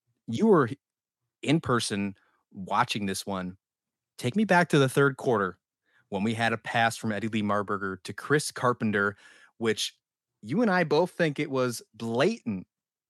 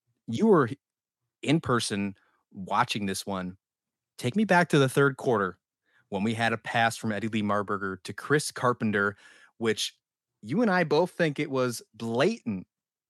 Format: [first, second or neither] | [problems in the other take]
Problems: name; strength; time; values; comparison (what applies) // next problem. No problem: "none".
neither | none